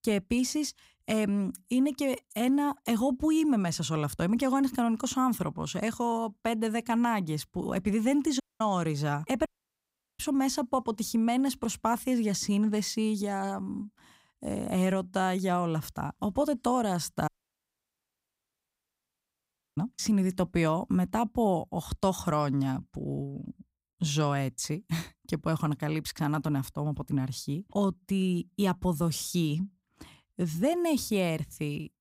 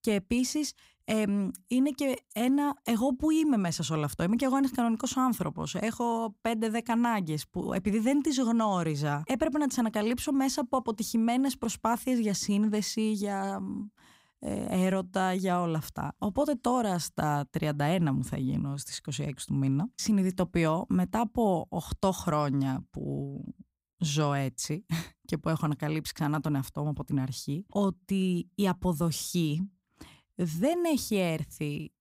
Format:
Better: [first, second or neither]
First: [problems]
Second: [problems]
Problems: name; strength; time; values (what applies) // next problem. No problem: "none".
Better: second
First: audio cutting out; at 8.5 s, at 9.5 s for 0.5 s and at 17 s for 2.5 s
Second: none